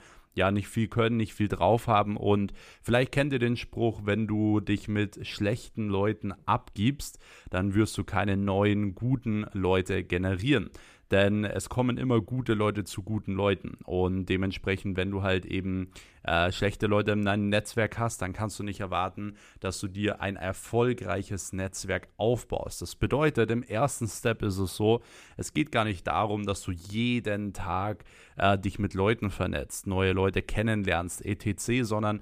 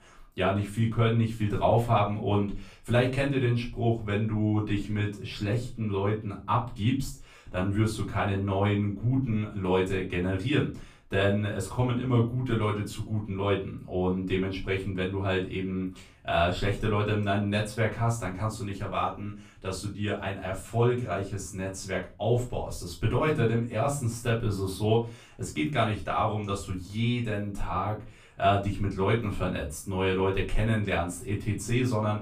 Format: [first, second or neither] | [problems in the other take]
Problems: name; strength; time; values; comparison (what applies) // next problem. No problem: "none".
first | off-mic speech; far // room echo; slight; dies away in 0.3 s